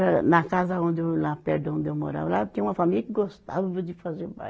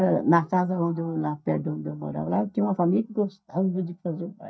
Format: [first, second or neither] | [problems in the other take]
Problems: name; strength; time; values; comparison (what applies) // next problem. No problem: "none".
first | noise reduction (neural mask model DeepFilterNet 3)